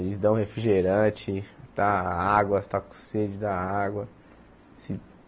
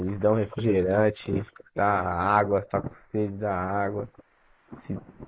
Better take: first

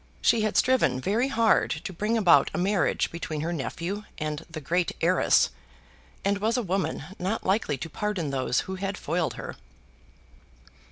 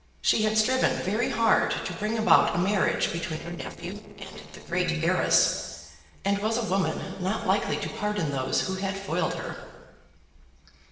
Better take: first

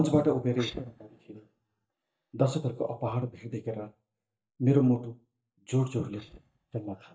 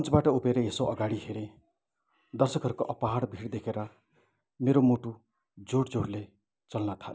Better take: second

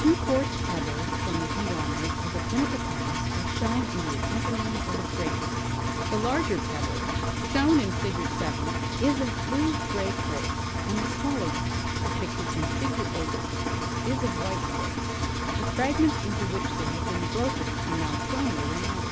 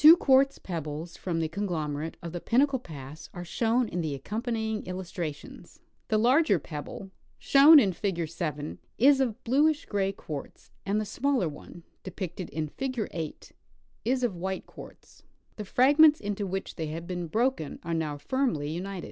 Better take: second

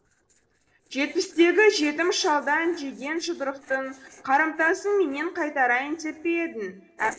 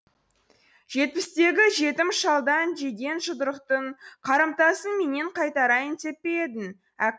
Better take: second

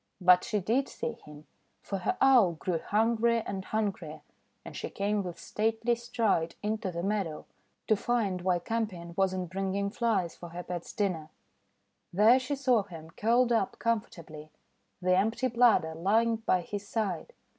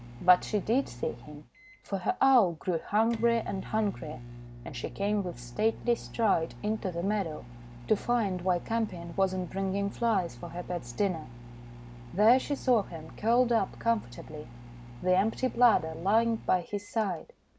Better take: first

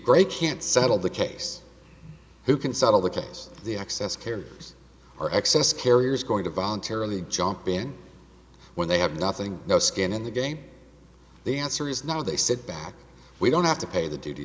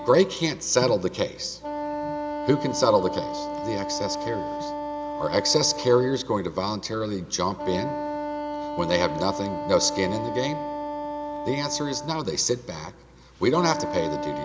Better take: first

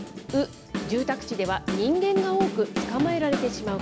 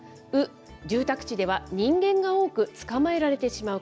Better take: second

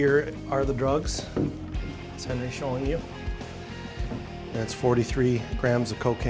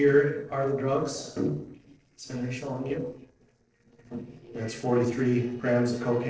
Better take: first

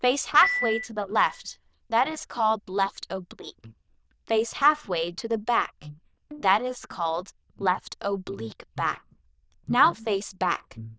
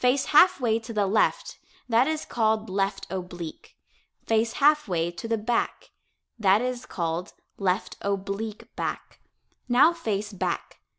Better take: second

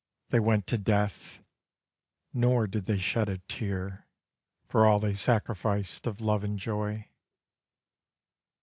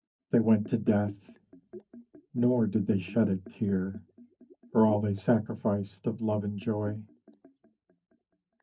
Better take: first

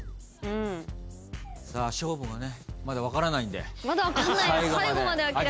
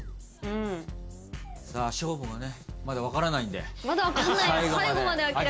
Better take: first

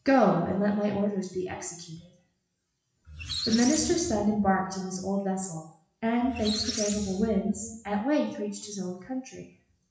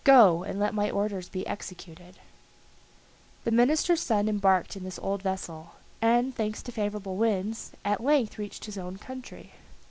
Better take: second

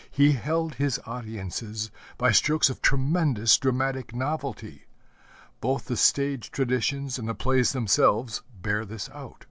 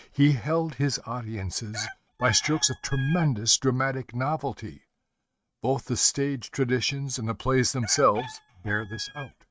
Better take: first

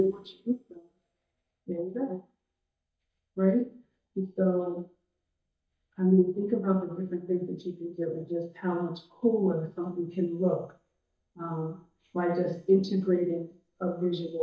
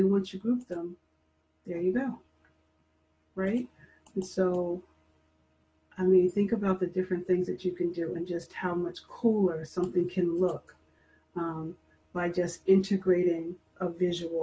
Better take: second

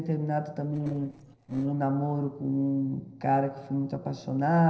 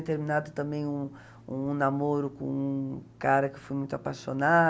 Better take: second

